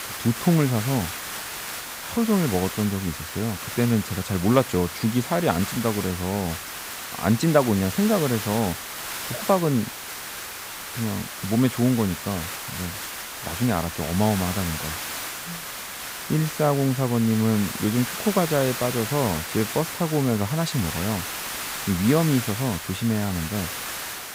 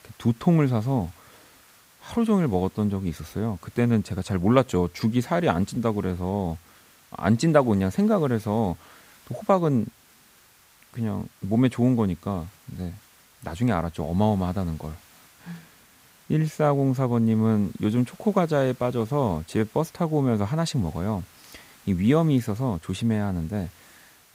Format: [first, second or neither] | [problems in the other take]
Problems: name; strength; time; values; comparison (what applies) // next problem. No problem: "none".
second | hiss; loud; throughout; 7 dB below the speech; faint in the second